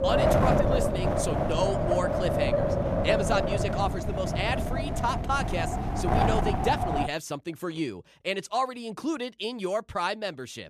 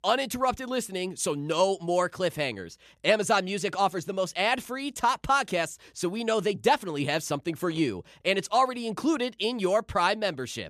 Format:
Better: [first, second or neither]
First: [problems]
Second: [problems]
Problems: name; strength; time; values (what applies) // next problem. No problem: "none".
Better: second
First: wind noise on the microphone; heavy; until 7 s; 2 dB above the speech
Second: none